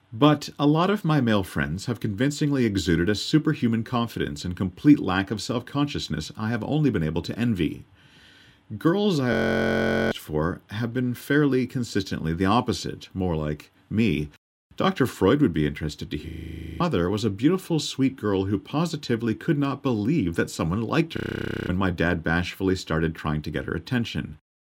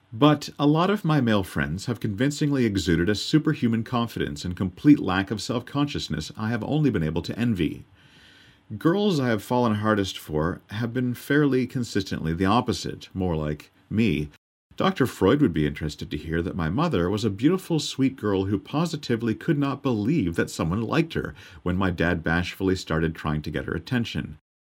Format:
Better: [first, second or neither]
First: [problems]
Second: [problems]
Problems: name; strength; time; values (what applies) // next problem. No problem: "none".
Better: second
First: audio freezing; at 9.5 s for 1 s, at 16 s for 0.5 s and at 21 s for 0.5 s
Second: none